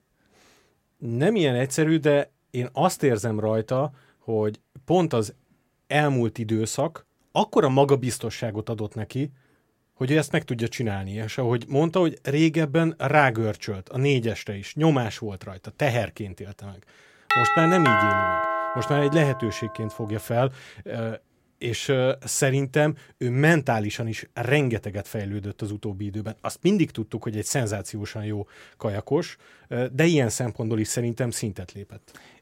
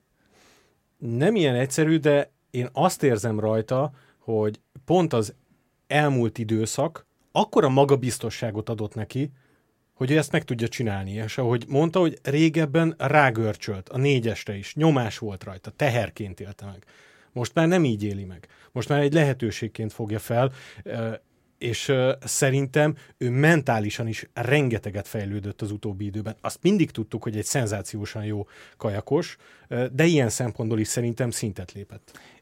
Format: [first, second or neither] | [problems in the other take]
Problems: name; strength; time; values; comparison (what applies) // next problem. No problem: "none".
second | doorbell; loud; from 17 to 20 s; peak 5 dB above the speech